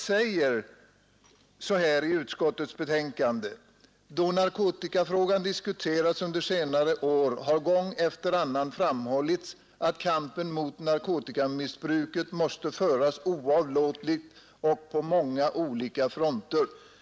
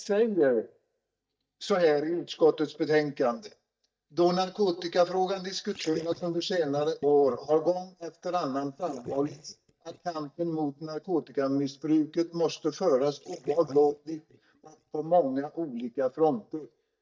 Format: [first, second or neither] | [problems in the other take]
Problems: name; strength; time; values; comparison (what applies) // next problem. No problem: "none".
first | noise reduction (neural mask model DeepFilterNet 3)